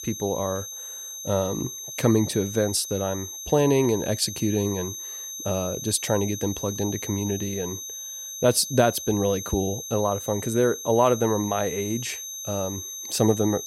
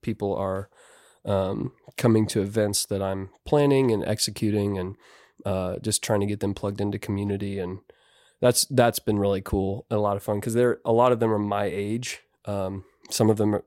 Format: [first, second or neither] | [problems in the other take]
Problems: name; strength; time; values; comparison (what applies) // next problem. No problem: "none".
second | high-pitched whine; loud; throughout; 6.5 kHz, 8 dB below the speech